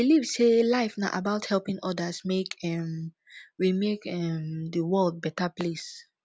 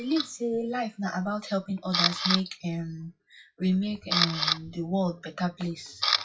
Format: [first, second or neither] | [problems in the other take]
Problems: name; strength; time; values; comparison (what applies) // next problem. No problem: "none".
first | noise reduction (classical method WPE with log-MMSE)